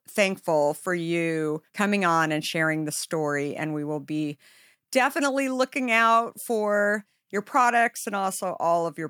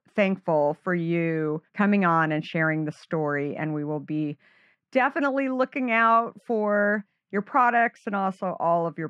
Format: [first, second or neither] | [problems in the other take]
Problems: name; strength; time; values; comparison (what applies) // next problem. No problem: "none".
first | muffled; very; fading above 2 kHz